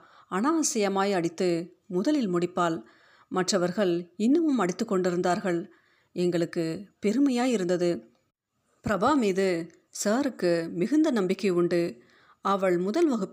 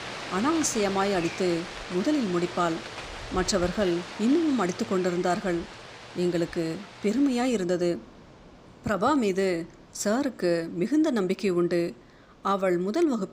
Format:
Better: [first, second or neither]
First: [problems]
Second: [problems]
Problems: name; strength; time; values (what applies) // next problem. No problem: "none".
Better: first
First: none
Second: rain or running water; noticeable; throughout; 10 dB below the speech